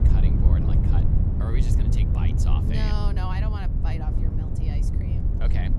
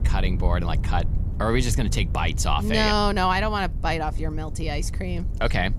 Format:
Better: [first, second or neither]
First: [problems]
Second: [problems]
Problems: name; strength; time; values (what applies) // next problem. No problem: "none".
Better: second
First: wind noise on the microphone; heavy; 1 dB above the speech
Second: wind noise on the microphone; occasional gusts; 20 dB below the speech